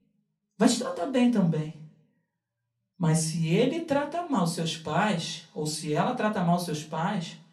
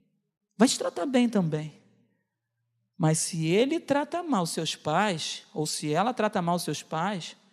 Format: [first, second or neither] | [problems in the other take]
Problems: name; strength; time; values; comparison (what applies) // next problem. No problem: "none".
second | off-mic speech; far // room echo; very slight; dies away in 0.3 s